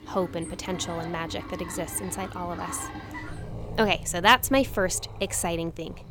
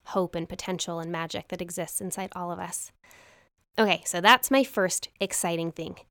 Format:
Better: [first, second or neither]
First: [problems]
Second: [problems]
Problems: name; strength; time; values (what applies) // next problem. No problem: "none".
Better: second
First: animal sounds; noticeable; throughout; 10 dB below the speech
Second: none